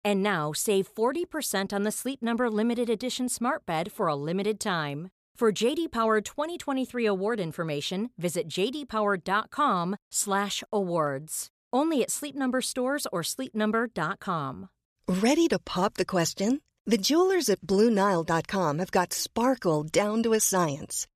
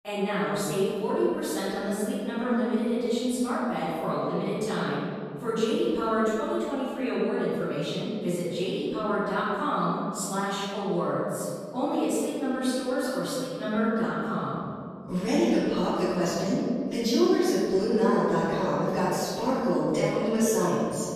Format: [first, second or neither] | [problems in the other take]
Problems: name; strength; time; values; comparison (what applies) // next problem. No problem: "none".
first | off-mic speech; far // room echo; strong; dies away in 2.3 s